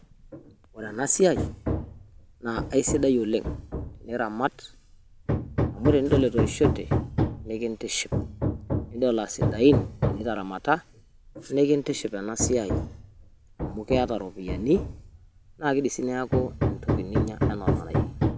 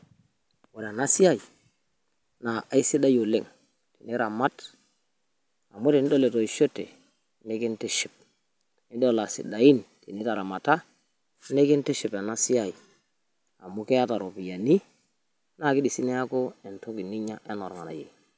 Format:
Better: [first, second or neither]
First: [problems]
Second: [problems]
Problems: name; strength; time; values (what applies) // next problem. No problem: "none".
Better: second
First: background sound (Hammer); 2 dB below the speech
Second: none